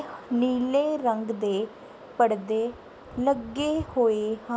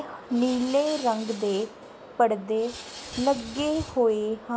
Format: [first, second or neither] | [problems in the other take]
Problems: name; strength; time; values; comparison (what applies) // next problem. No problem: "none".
first | background sound (Tools); 17 dB below the speech